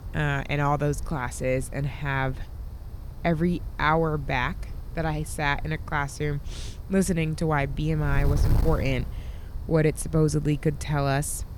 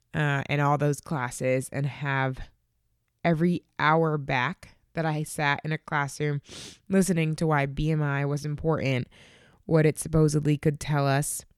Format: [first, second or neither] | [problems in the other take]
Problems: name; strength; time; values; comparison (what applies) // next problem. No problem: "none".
second | wind noise on the microphone; occasional gusts; 20 dB below the speech